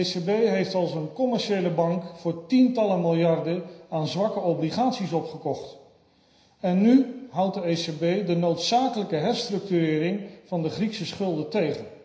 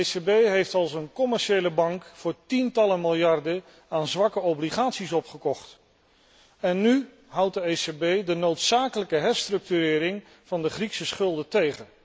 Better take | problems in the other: second | room echo; dies away in 0.9 s

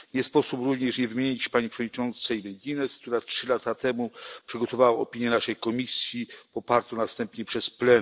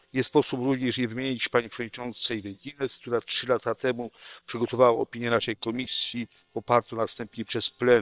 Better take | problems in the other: first | noise reduction (neural separator model SepFormer WHAM!)

